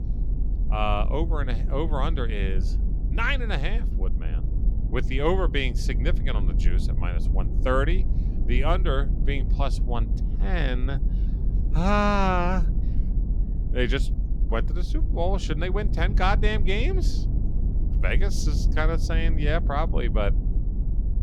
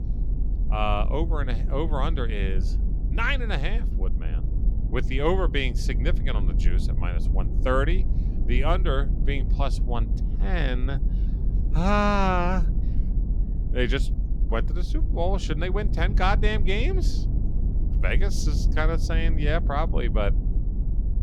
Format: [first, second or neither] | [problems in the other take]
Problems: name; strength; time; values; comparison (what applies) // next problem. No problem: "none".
neither | low rumble; noticeable; throughout; 15 dB below the speech; the same in both